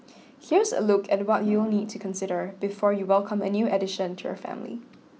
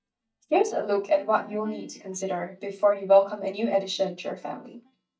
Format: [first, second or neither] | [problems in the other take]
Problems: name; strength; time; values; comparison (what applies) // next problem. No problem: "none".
first | noise reduction (neural mask model DeepFilterNet 3)